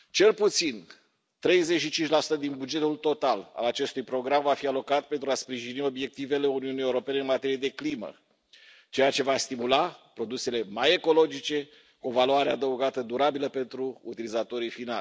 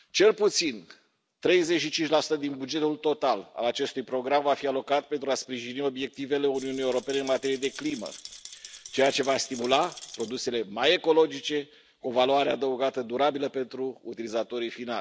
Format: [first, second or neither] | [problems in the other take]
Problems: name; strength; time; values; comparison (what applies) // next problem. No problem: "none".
first | background sound (Rattle); 17 dB below the speech